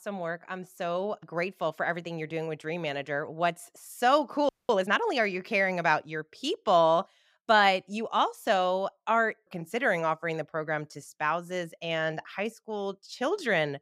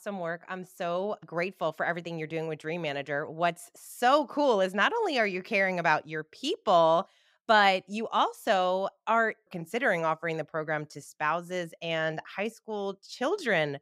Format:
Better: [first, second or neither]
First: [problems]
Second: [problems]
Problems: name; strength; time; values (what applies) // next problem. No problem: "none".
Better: second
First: audio freezing; at 4.5 s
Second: none